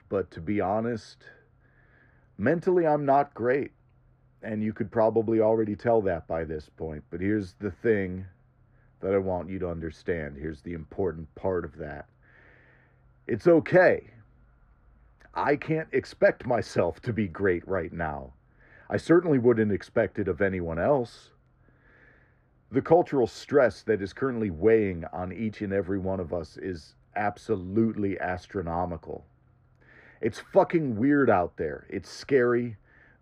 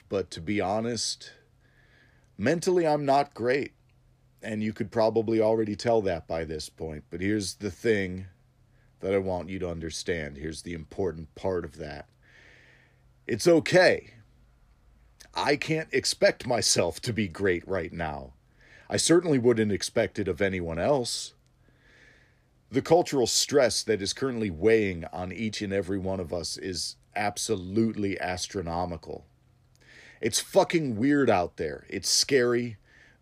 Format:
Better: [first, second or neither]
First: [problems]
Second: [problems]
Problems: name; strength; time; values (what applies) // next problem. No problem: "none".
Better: second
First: muffled; very; fading above 3 kHz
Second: none